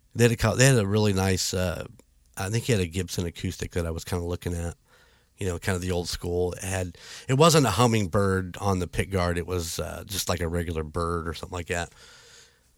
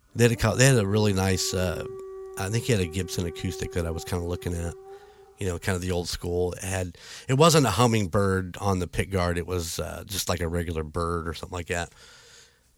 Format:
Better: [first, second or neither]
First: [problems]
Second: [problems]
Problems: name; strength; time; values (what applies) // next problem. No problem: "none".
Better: first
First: none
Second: dog barking; faint; until 5.5 s; peak 10 dB below the speech